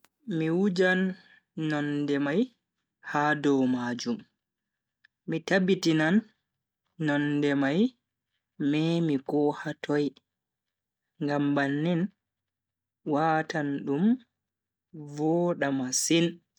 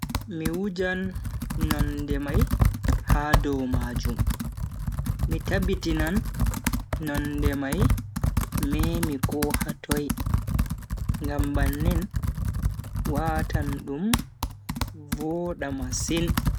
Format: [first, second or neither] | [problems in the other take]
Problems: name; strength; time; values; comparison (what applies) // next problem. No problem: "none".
first | background sound (Computer keyboard); 5 dB above the speech